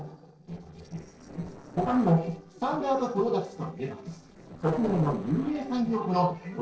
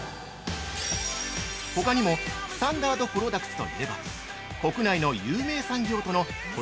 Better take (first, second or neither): second